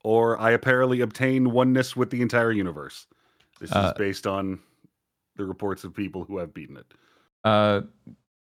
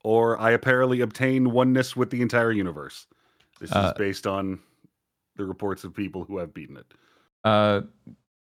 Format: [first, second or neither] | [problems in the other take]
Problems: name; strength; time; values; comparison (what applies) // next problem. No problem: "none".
neither | none